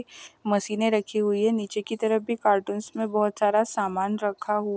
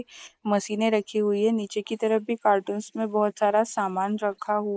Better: first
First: none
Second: noise reduction (neural mask model Resemble Enhance denoiser)

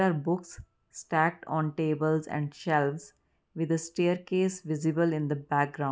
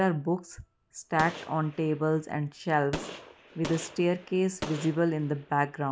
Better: first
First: none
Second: background sound (Gunshot, gunfire); 14 dB below the speech

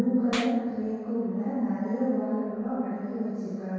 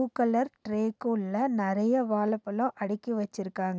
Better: second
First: background sound (Clapping); 17 dB below the speech // room echo; dies away in 2 s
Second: none

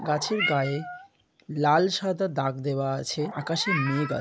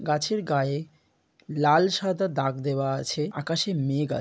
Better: second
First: background sound (Meow); 9 dB below the speech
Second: none

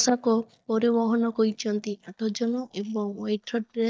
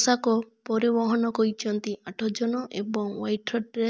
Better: second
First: noise reduction (neural mask model DeepFilterNet 3)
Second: none

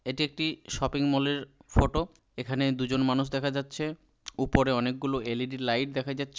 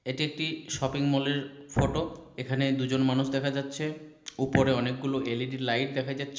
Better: first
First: none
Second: room echo; dies away in 0.8 s

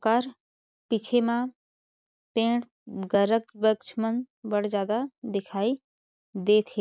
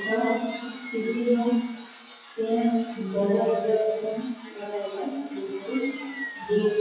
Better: first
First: none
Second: noise reduction (classical method WPE with log-MMSE)

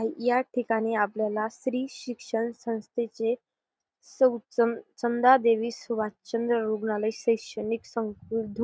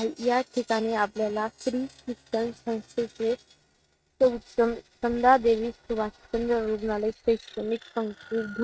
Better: first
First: none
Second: noise reduction (neural mask model RNNoise)

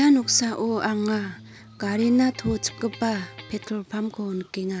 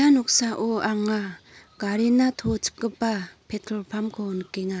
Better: second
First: background sound (Electric guitar); 19 dB below the speech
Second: none

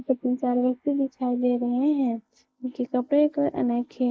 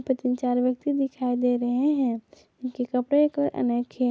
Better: second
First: noise reduction (neural mask model Resemble Enhance denoiser)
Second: none

